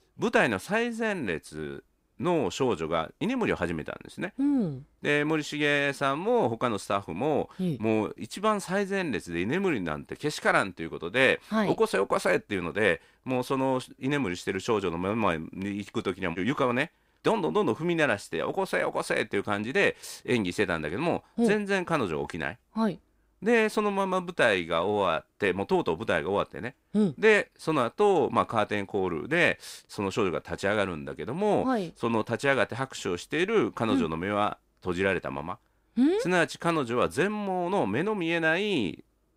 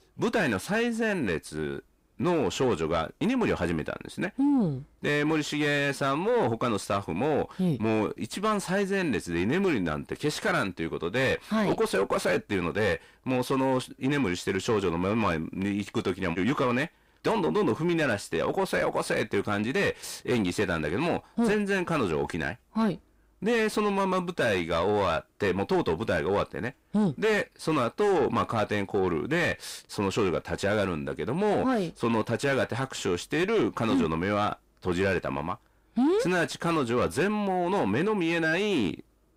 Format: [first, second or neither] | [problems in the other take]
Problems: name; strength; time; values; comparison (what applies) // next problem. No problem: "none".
first | distortion; heavy; 8 dB below the speech